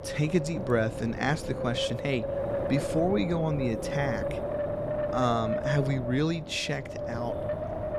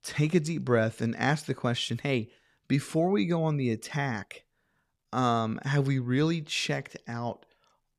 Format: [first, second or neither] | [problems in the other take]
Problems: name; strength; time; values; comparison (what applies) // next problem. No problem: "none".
second | wind noise on the microphone; heavy; 2 dB below the speech